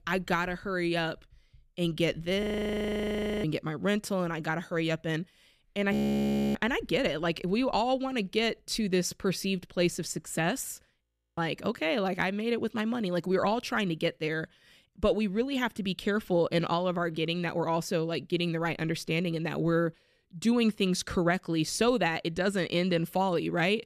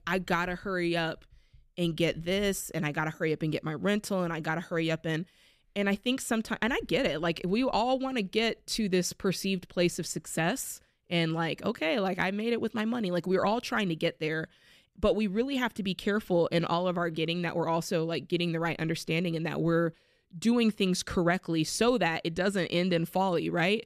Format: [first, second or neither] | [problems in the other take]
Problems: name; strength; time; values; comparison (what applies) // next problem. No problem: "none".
second | audio freezing; at 2.5 s for 1 s, at 6 s for 0.5 s and at 11 s